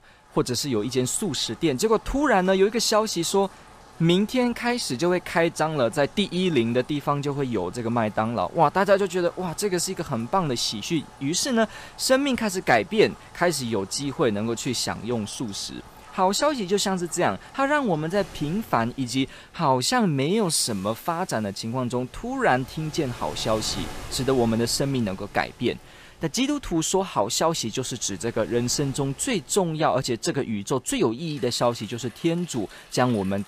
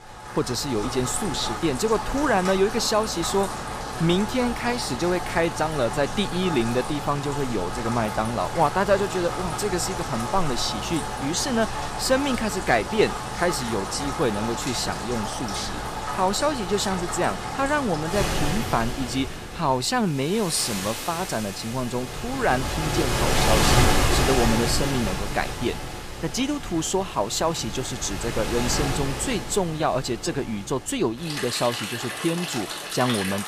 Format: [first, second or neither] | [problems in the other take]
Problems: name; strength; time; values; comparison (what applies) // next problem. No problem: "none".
first | rain or running water; loud; throughout; 3 dB below the speech; faint in the first